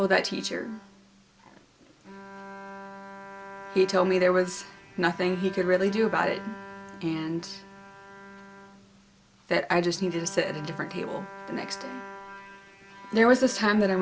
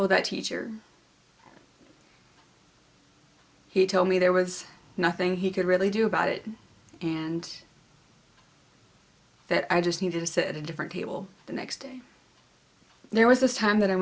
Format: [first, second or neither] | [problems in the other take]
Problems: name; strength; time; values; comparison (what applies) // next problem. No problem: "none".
second | background sound (Bowed string instrument); 15 dB below the speech